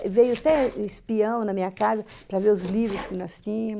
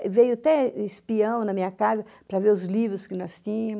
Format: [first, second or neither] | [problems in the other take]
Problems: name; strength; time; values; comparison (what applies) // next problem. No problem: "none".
second | background sound (Domestic sounds, home sounds); 18 dB below the speech